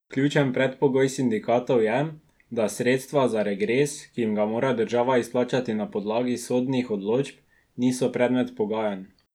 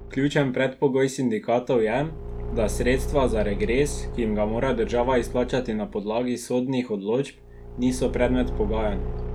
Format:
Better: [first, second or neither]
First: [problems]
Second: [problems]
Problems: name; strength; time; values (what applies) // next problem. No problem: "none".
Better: first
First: none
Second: background sound (Engine / Car); 7 dB below the speech